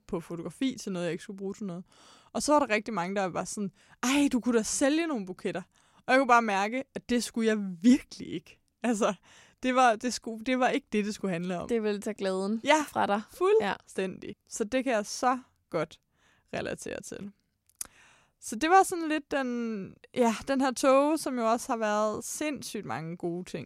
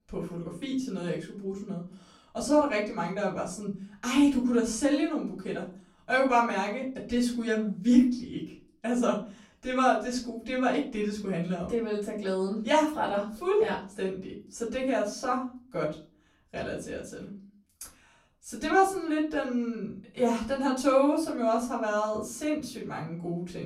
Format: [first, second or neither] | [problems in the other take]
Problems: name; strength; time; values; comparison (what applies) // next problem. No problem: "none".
first | room echo; slight; dies away in 0.4 s // off-mic speech; far